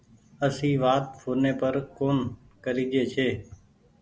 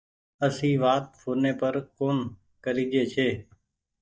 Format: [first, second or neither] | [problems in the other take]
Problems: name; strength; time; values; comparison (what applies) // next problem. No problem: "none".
first | noise reduction (neural mask model DeepFilterNet 3)